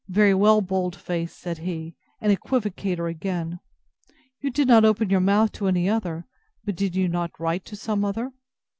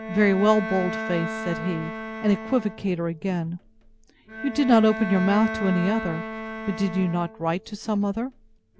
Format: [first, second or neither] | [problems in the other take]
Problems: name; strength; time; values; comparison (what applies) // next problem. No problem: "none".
first | background sound (Bowed string instrument); 9 dB below the speech